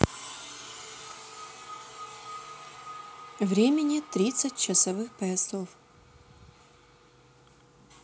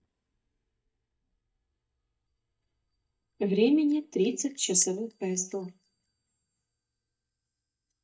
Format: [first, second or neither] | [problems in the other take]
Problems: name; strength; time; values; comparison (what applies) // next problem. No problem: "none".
first | noise reduction (neural mask model DeepFilterNet 3)